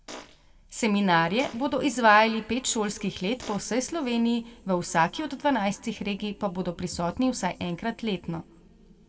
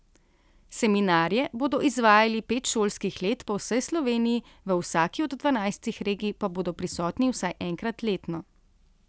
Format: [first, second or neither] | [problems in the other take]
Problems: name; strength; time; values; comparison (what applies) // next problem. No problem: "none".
second | background sound (Fart); 17 dB below the speech // room echo; dies away in 2 s